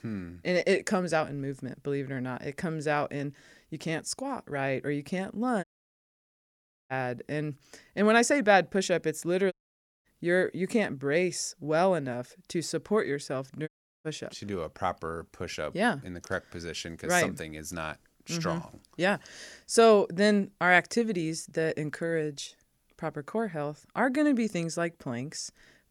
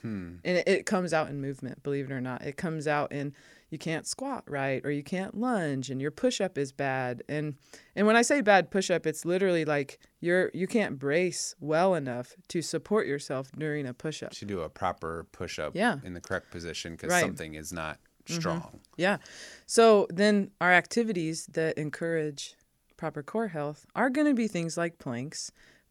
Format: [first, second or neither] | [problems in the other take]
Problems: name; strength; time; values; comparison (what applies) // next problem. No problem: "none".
second | audio cutting out; at 5.5 s for 1.5 s, at 9.5 s for 0.5 s and at 14 s